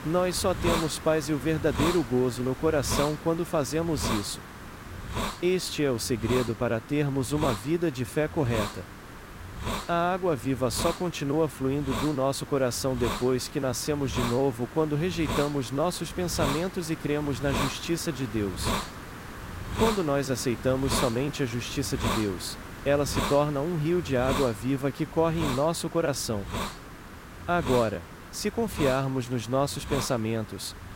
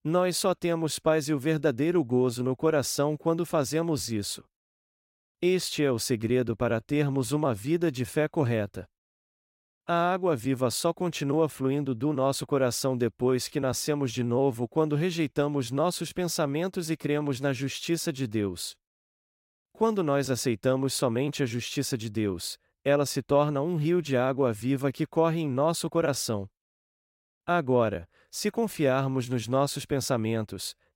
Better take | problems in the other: second | hiss; loud; throughout; 7 dB below the speech

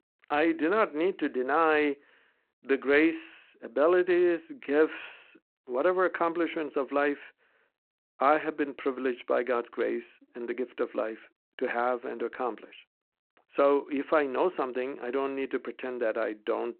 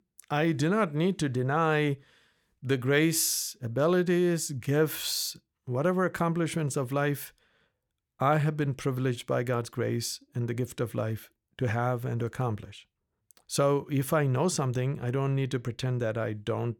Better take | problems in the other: second | phone-call audio; nothing above 4 kHz

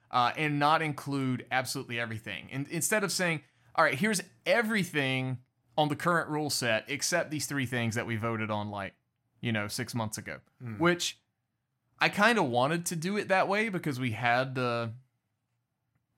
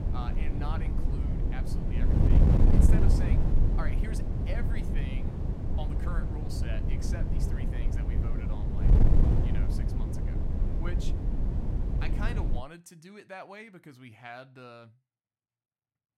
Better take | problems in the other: first | wind noise on the microphone; heavy; until 13 s; 4 dB above the speech

